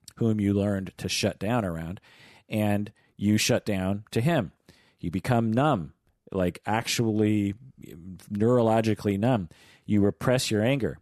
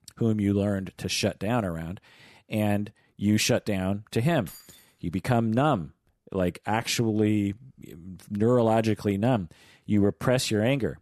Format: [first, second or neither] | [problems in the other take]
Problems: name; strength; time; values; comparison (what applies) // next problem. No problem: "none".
first | jangling keys; faint; at 4.5 s; peak 20 dB below the speech